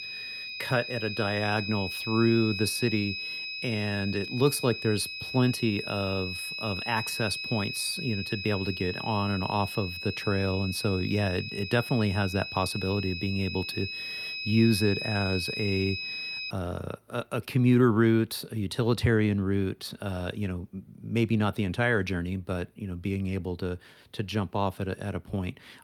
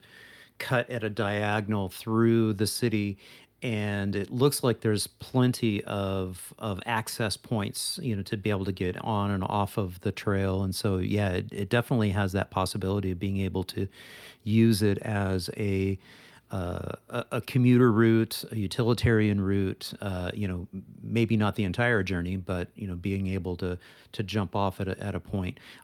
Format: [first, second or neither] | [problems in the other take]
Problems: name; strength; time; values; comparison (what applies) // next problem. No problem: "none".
second | high-pitched whine; loud; until 17 s; 2.5 kHz, 5 dB below the speech